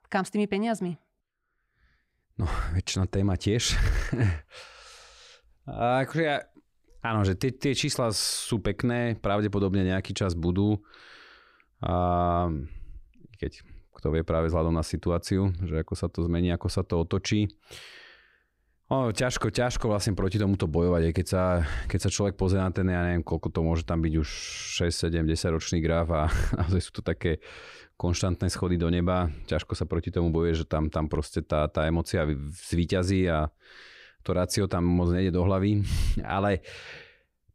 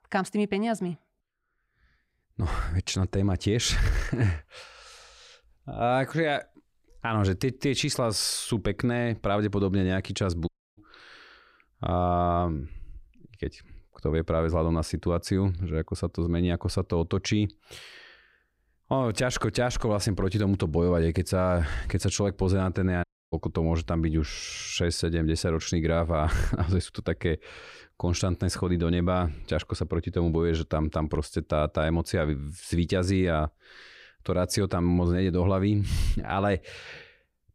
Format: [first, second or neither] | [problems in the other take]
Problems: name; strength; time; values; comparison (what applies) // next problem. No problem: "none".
first | audio cutting out; at 10 s and at 23 s